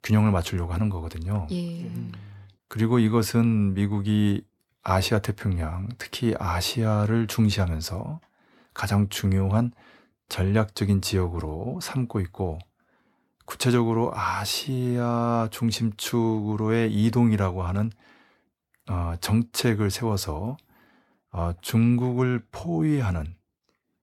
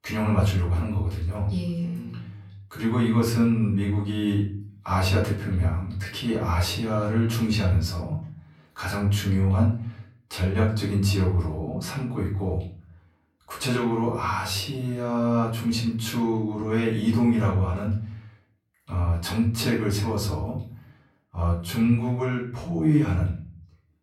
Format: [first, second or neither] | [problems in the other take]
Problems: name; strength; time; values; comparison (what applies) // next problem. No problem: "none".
first | off-mic speech; far // room echo; slight; dies away in 0.5 s